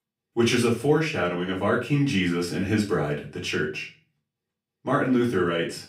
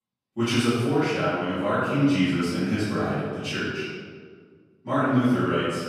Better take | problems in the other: first | room echo; strong; dies away in 1.4 s; slight in the first // off-mic speech; far; far in the first

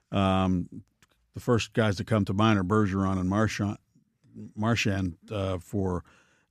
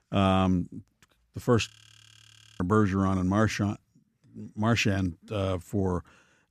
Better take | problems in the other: first | audio freezing; at 1.5 s for 1 s

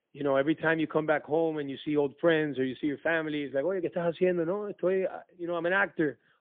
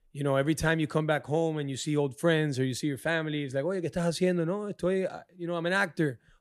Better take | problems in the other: second | phone-call audio; poor line; nothing above 3.5 kHz

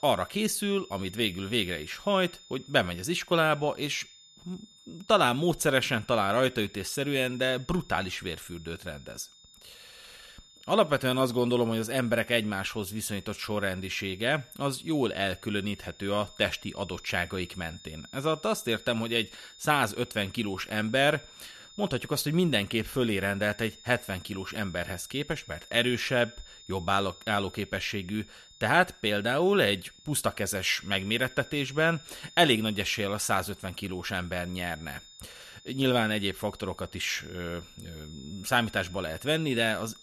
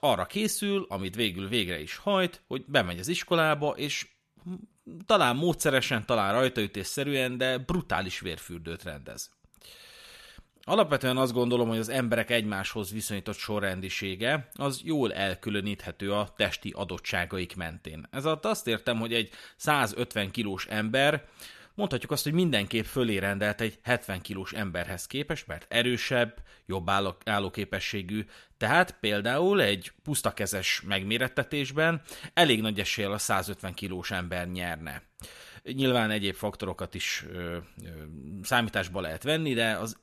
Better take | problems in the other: second | high-pitched whine; faint; throughout; 3.5 kHz, 20 dB below the speech

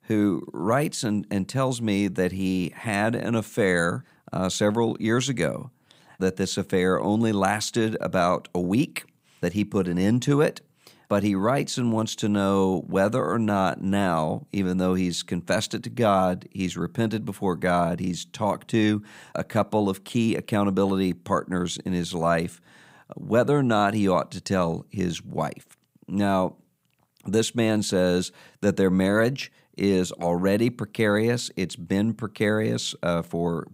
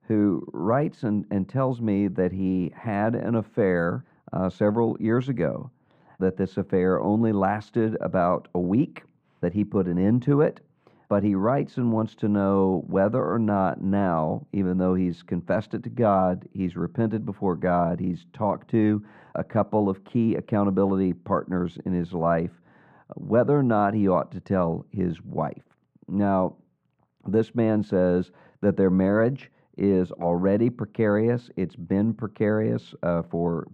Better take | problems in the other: first | muffled; very; fading above 3.5 kHz

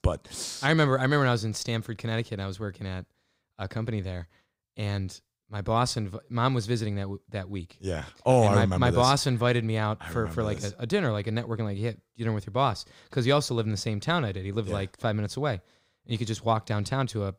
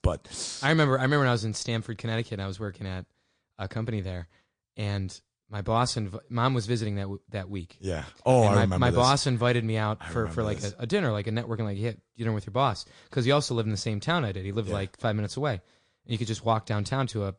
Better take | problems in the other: first | garbled, watery; slightly; nothing above 9 kHz

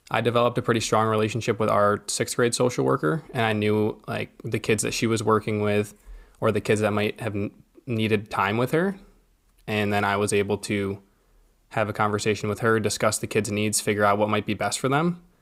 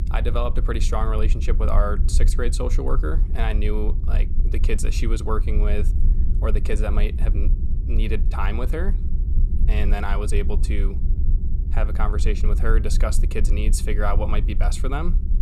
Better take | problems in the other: first | low rumble; noticeable; throughout; 10 dB below the speech

